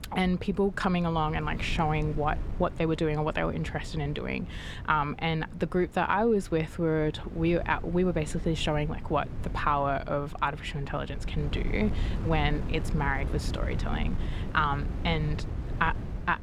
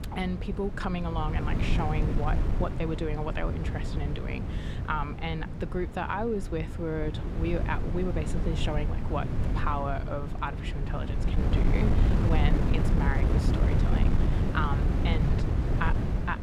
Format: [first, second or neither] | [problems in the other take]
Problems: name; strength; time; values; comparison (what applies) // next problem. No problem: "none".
first | wind noise on the microphone; heavy; 4 dB below the speech; occasional gusts in the first